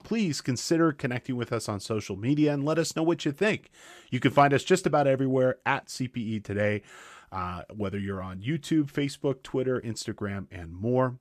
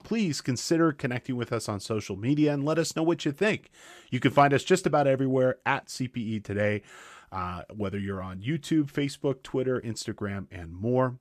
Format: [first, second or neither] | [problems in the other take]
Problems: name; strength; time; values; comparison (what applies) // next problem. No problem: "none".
neither | none